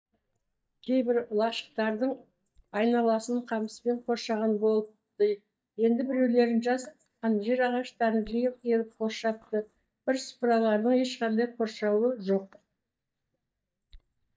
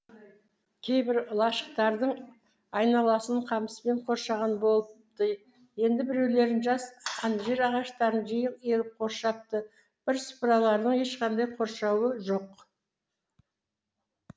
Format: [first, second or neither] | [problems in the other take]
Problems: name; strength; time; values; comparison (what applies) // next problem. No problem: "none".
second | noise reduction (neural mask model DeepFilterNet 3)